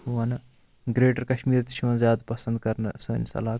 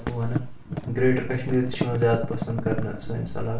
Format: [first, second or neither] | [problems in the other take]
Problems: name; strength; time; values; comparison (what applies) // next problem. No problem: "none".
first | background sound (Thump, thud); 7 dB below the speech // room echo; dies away in 0.4 s